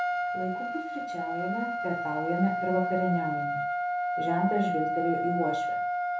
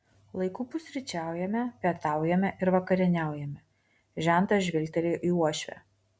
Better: second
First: background sound (Trumpet); 1 dB above the speech // room echo; dies away in 0.9 s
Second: none

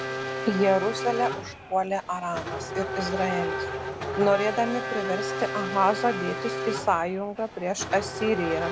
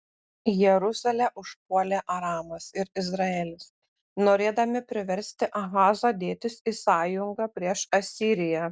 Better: second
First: background sound (Race car, auto racing / Accelerating, revving, vroom); 4 dB below the speech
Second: none

